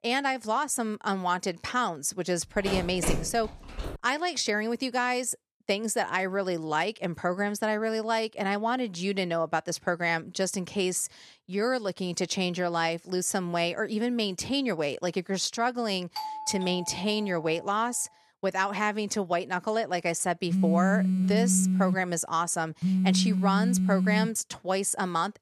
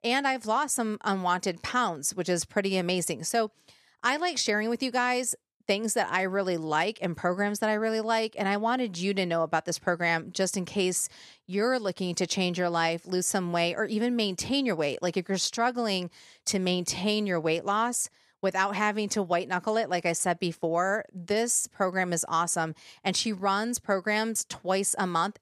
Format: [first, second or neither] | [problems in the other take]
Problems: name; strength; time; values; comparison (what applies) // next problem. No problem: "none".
second | phone ringing; noticeable; from 2.5 to 4 s; peak 4 dB below the speech // doorbell; noticeable; from 16 to 18 s; peak 7 dB below the speech // phone ringing; loud; from 21 to 24 s; peak 4 dB above the speech